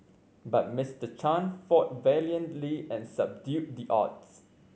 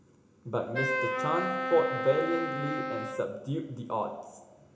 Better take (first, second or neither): first